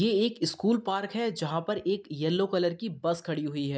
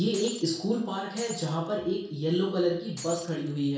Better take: first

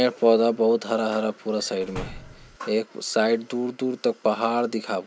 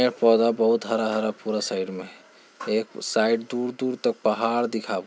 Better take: second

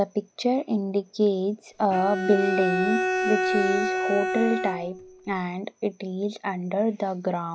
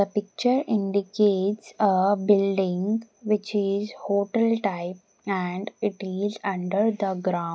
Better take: second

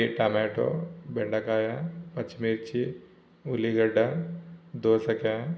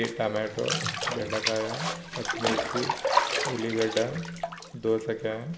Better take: first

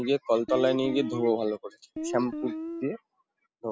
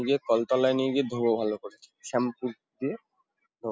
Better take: second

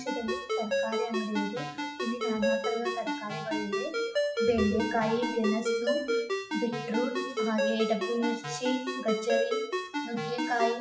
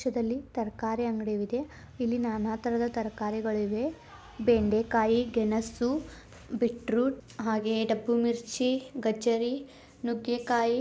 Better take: second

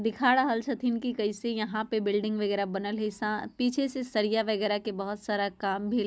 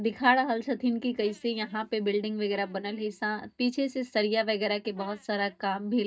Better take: first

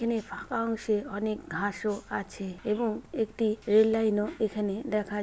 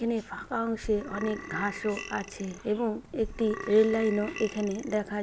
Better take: first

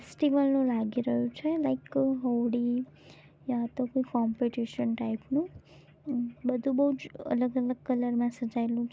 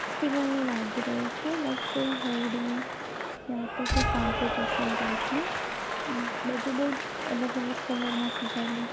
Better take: first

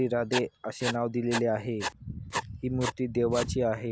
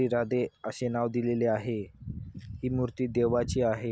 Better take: second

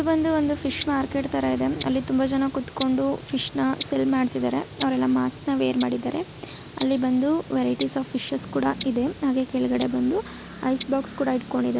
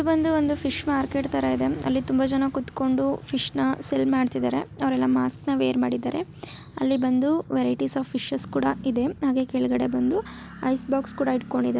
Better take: second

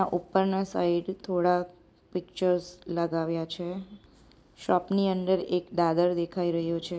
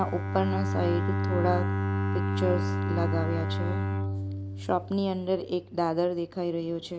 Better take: first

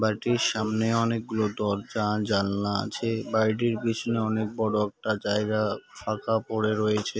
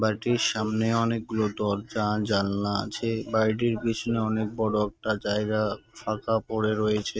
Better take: first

